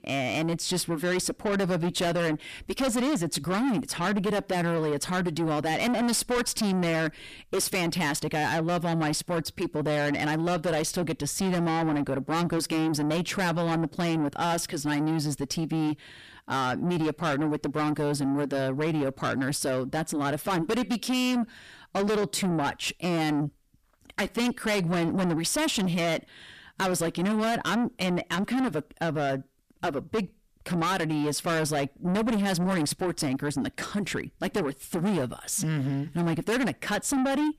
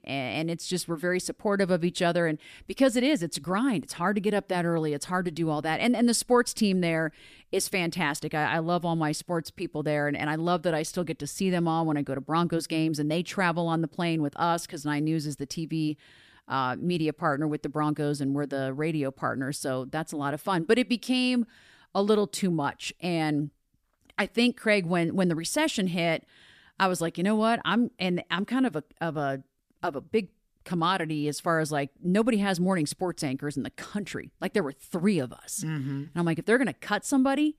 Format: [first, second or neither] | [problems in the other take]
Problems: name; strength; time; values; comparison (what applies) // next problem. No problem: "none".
second | distortion; heavy; 6 dB below the speech